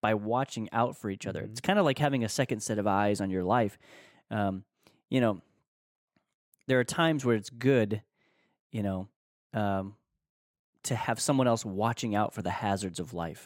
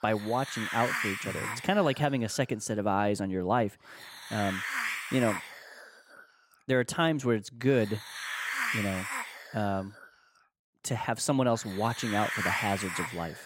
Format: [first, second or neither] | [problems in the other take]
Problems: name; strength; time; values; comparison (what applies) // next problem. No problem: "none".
first | hiss; loud; throughout; 4 dB below the speech